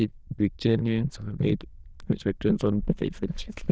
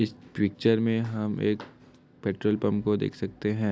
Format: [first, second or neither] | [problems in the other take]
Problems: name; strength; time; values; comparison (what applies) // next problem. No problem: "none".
second | noise reduction (neural diffusion model UNIVERSE++)